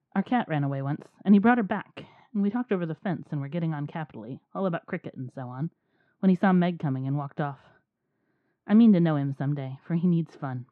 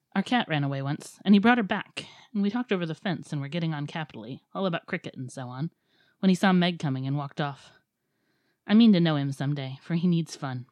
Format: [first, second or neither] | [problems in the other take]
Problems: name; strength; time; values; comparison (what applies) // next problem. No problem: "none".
second | muffled; very; fading above 3 kHz